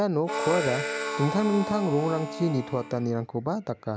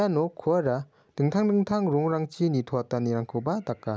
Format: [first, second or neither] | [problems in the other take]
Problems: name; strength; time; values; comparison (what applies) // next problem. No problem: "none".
second | background sound (Harmonica); 6 dB below the speech